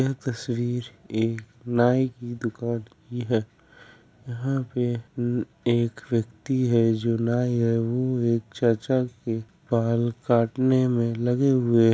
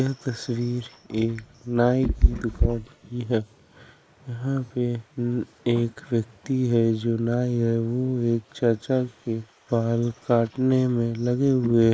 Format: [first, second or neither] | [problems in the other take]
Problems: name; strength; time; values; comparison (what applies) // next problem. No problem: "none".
first | noise reduction (neural mask model Resemble Enhance denoiser)